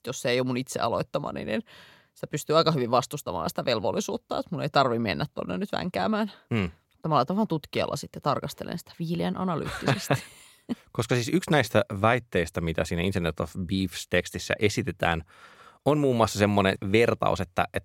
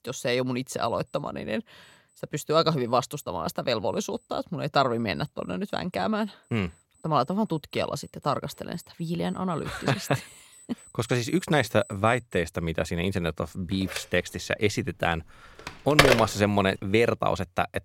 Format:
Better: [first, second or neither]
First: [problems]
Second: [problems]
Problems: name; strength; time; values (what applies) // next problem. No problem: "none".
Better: first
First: none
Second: alarms or sirens; very loud; throughout; 2 dB above the speech